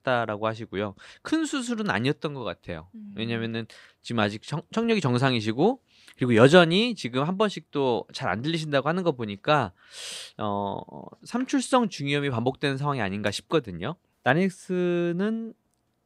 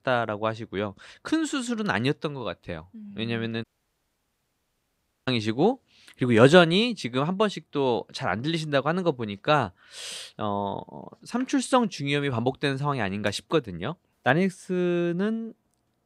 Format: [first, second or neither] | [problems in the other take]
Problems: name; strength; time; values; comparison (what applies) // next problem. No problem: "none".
first | audio cutting out; at 3.5 s for 1.5 s